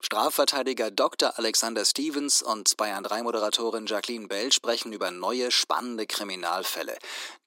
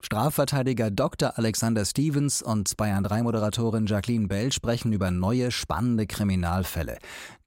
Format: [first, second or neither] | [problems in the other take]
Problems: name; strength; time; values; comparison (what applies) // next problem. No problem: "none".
second | thin; somewhat; fading below 300 Hz